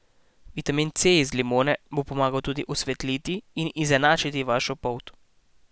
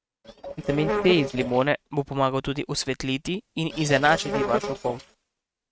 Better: first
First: none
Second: noise reduction (neural mask model RNNoise)

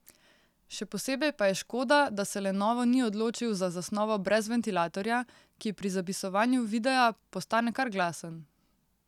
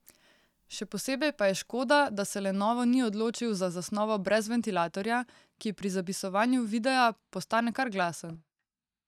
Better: first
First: none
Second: noise reduction (neural mask model DeepFilterNet 3)

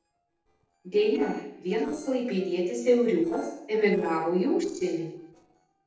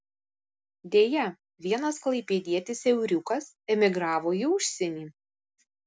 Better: second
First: noise reduction (neural separator model SepFormer DNS4)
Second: none

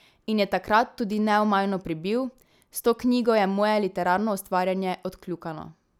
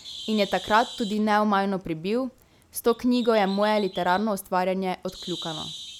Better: first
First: none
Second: background sound (Bird); 16 dB below the speech

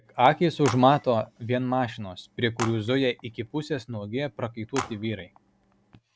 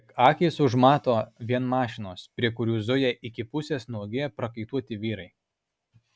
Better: second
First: background sound (Telephone); 15 dB below the speech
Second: none

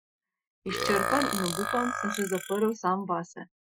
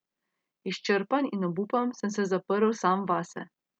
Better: second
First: noise reduction (classical method Wiener filter)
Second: none

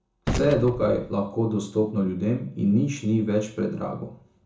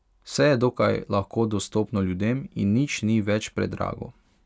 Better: second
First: background sound (Gunshot, gunfire); 11 dB below the speech // room echo; dies away in 0.5 s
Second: none

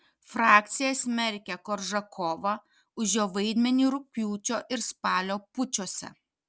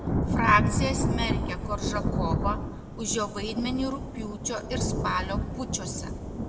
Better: first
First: none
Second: background sound (Thunder / Rain); 1 dB above the speech // room echo; dies away in 1.1 s

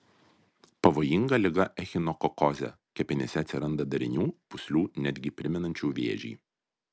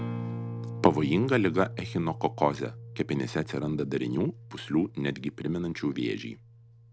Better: first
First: none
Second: background sound (Acoustic guitar); 11 dB below the speech

